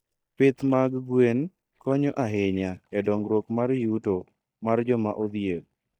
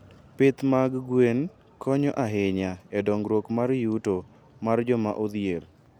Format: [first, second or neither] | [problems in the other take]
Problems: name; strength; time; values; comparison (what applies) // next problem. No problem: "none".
second | noise reduction (neural mask model DeepFilterNet 3)